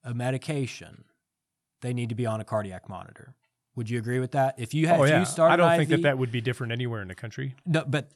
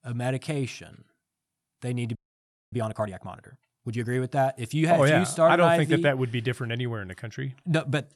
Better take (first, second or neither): first